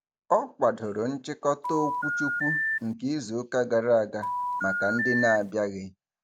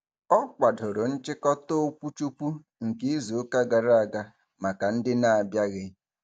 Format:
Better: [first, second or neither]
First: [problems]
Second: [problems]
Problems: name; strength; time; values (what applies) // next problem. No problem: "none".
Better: second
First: background sound (Telephone); 1 dB below the speech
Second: none